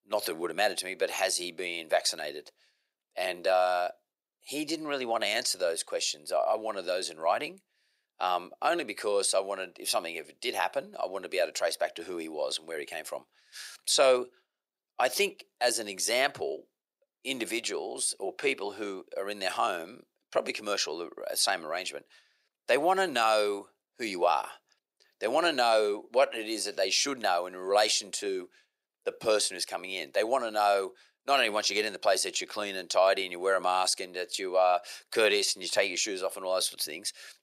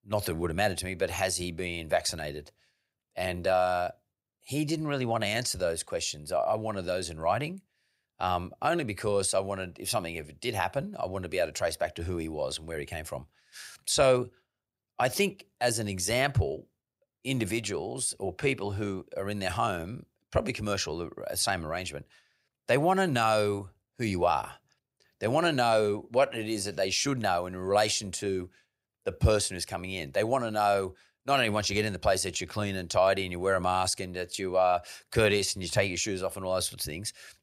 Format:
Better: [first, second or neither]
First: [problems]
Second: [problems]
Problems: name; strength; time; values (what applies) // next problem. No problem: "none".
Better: second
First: thin; somewhat; fading below 350 Hz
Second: none